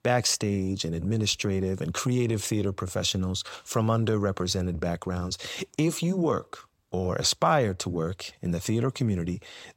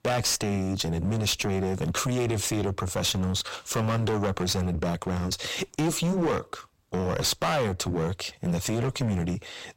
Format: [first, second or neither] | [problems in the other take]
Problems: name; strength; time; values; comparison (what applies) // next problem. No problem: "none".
first | distortion; heavy; 17% of the sound clipped